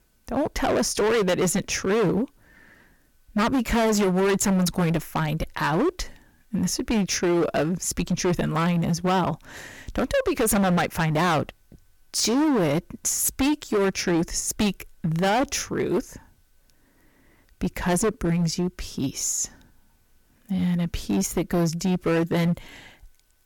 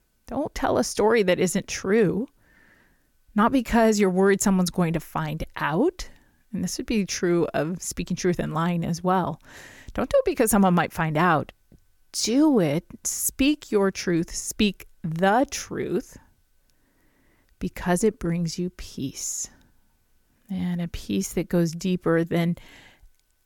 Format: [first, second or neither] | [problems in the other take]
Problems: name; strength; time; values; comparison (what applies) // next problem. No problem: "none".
second | distortion; heavy; 15% of the sound clipped